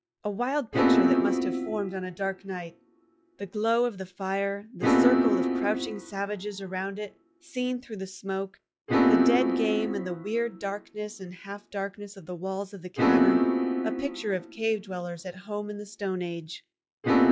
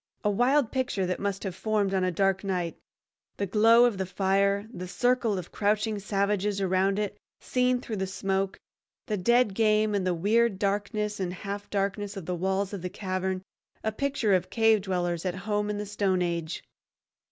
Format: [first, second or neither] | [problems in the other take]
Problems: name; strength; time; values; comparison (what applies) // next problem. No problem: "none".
second | noise reduction (classical method log-MMSE)